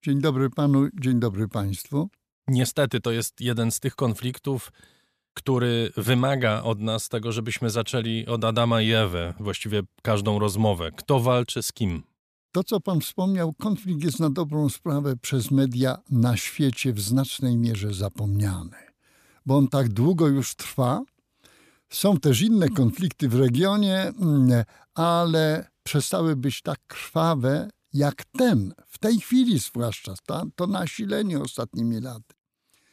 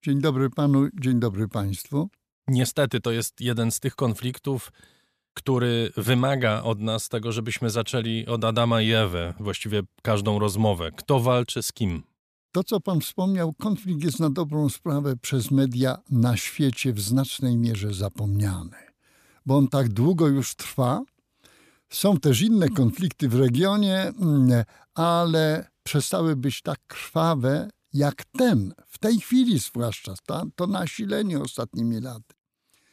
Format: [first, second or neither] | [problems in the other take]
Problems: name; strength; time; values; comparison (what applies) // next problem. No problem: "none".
neither | none